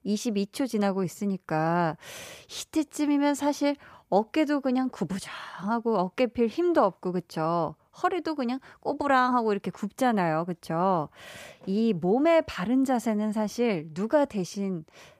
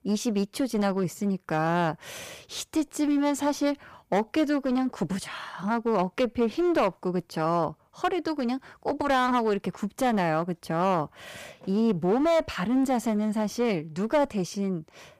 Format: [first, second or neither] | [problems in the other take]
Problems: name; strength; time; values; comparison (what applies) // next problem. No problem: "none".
first | distortion; slight; 8% of the sound clipped